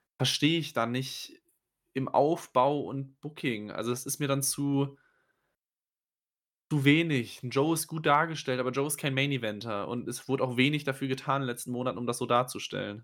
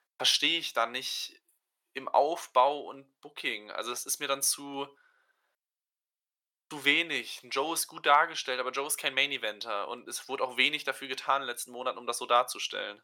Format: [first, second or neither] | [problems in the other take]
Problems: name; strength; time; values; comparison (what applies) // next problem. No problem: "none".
first | thin; very; fading below 700 Hz